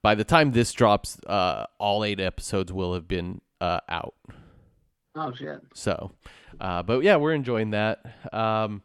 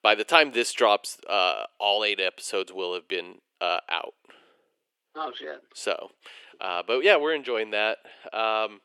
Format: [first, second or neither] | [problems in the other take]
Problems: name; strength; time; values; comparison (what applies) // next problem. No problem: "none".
first | thin; very; fading below 400 Hz